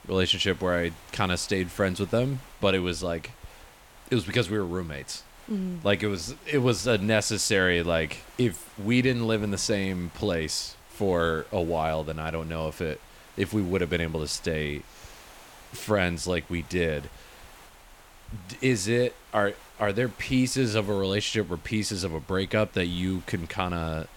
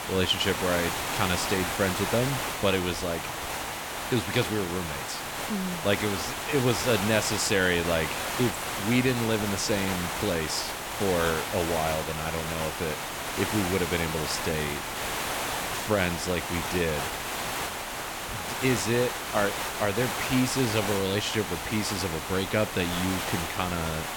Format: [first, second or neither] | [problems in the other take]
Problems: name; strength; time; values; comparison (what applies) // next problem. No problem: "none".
first | hiss; loud; throughout; 3 dB below the speech; faint in the first